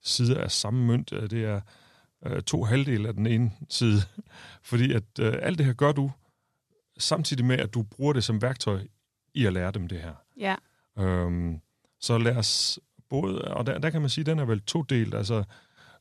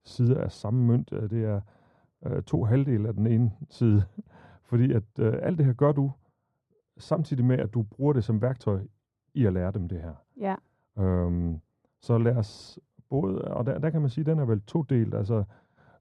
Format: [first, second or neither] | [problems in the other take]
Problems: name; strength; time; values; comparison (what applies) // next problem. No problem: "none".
first | muffled; very; fading above 1.5 kHz